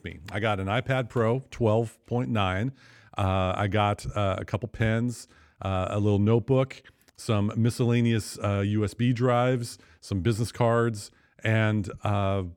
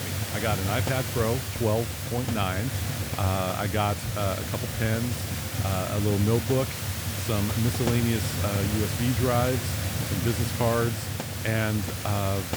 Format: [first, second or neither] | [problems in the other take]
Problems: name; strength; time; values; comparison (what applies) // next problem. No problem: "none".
first | hiss; loud; throughout; 2 dB below the speech